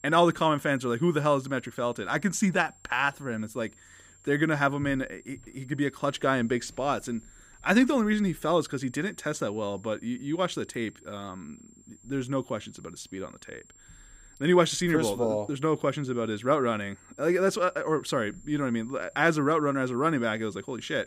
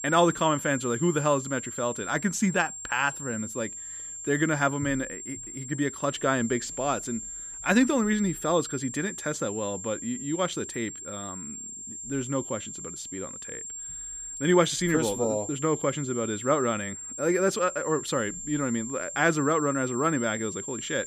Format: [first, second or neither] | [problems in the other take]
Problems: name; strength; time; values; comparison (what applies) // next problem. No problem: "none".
first | high-pitched whine; loud; throughout; 7.5 kHz, 8 dB below the speech; faint in the first